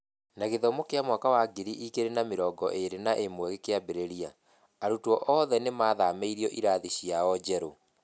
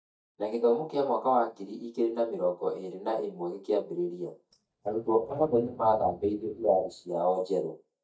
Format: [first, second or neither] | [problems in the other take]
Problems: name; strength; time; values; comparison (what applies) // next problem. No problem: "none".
first | noise reduction (neural mask model DeepFilterNet 3)